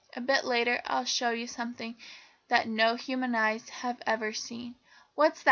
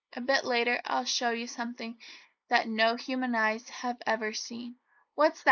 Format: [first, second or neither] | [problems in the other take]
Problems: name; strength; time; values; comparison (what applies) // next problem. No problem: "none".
first | noise reduction (neural mask model Resemble Enhance denoiser)